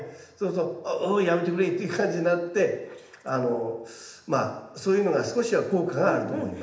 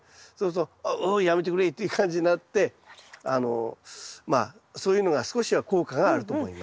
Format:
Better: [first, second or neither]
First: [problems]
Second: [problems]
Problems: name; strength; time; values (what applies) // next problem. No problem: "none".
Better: second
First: room echo; dies away in 0.8 s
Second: none